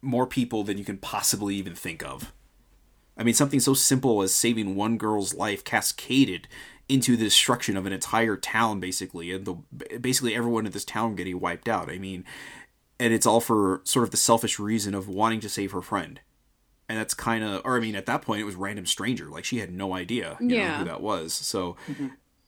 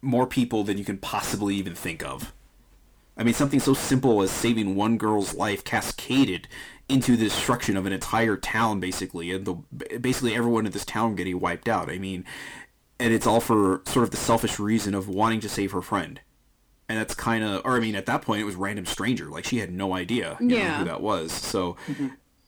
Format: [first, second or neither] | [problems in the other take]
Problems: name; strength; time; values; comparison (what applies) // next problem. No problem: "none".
first | distortion; heavy; 6 dB below the speech